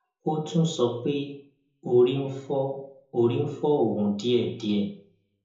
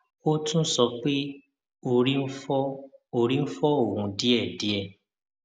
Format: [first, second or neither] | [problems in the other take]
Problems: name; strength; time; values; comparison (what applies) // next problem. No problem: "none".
second | room echo; dies away in 0.5 s